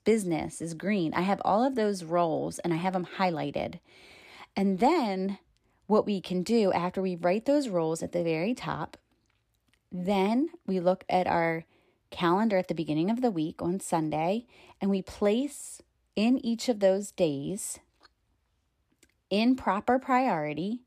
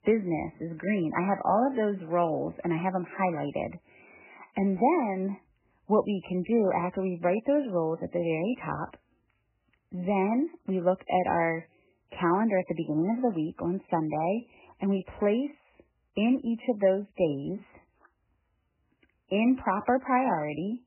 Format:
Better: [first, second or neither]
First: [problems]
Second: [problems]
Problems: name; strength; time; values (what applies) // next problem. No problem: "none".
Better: first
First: none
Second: garbled, watery; badly; nothing above 3 kHz